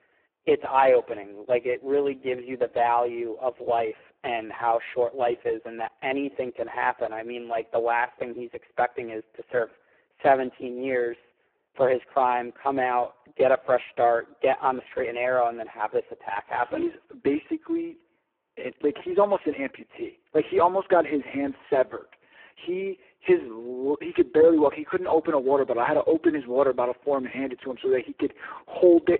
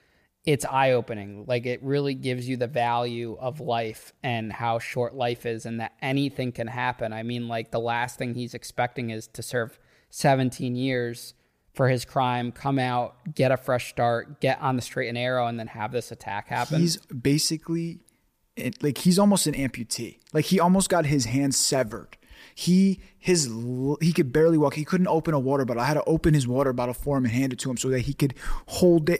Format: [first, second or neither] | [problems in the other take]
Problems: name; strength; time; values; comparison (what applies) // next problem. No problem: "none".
second | phone-call audio; poor line